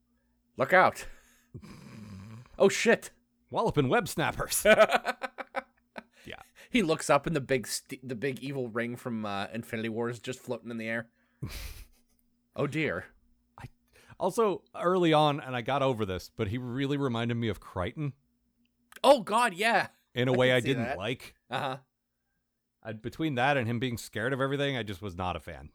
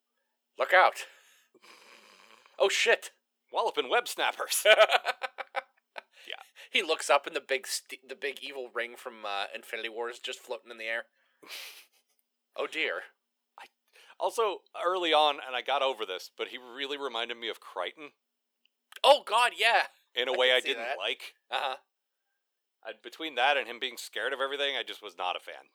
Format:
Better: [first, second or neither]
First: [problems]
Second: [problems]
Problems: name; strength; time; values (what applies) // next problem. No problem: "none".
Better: first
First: none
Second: thin; very; fading below 400 Hz